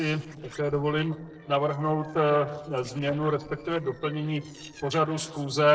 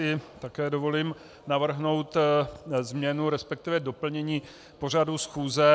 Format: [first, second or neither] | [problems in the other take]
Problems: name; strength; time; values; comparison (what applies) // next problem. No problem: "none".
second | noise reduction (neural separator model SepFormer DNS4)